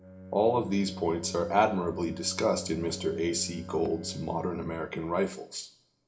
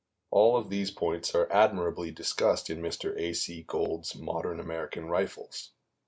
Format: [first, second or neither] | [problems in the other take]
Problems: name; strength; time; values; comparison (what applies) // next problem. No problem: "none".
second | background sound (Bowed string instrument); 13 dB below the speech // room echo; dies away in 0.4 s